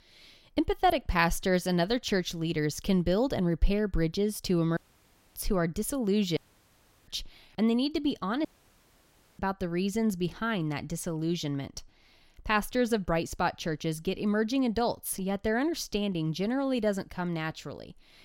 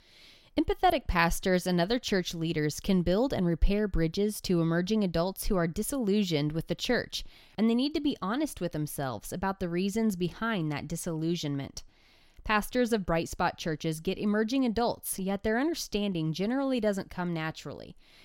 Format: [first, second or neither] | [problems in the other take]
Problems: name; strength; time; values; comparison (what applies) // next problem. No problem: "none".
second | audio cutting out; at 5 s for 0.5 s, at 6.5 s for 0.5 s and at 8.5 s for 1 s